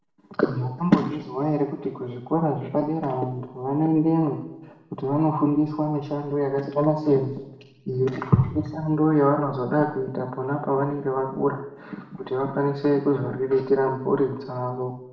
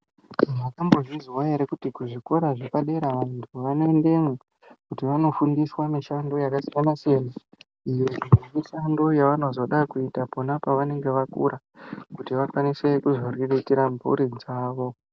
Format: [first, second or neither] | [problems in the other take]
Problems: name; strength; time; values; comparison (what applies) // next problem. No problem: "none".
second | room echo; dies away in 0.8 s